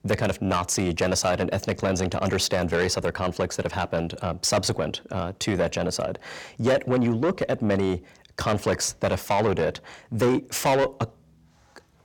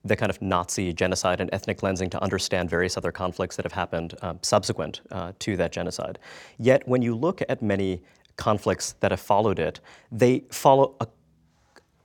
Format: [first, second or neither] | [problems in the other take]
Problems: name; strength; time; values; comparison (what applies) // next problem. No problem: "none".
second | distortion; heavy; 6 dB below the speech